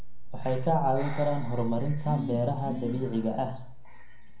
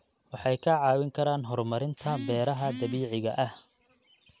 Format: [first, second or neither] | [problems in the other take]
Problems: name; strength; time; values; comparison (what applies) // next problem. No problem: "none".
second | background sound (Breathing); 3 dB below the speech // room echo; dies away in 0.6 s